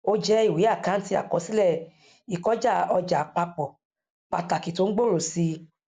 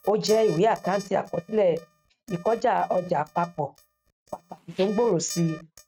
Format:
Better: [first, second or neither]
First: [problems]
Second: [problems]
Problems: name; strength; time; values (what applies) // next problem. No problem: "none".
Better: first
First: none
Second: noise reduction (neural mask model RNNoise)